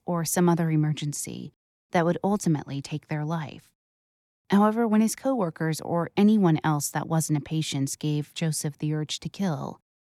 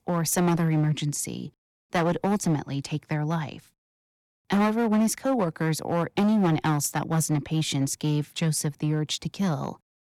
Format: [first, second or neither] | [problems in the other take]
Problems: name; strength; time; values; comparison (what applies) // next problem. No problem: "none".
first | distortion; slight; 10% of the sound clipped